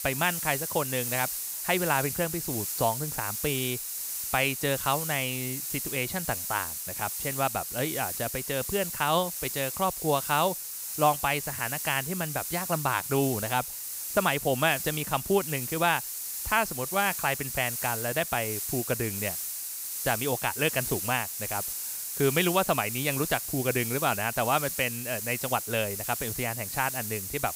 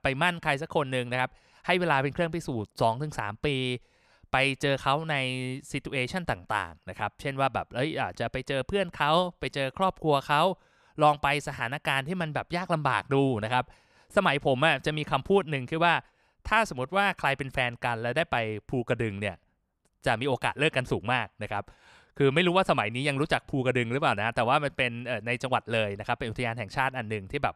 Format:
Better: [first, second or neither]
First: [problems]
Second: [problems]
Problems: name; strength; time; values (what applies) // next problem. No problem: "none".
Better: second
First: hiss; loud; throughout; 3 dB below the speech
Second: none